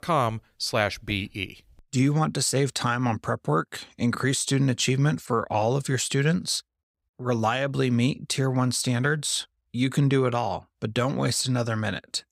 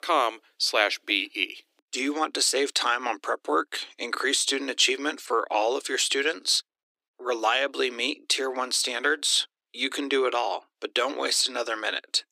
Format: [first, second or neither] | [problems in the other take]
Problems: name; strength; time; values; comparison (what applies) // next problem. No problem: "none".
first | thin; very; fading below 300 Hz